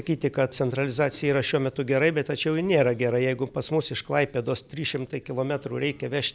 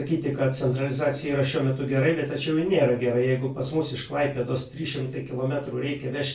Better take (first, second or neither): first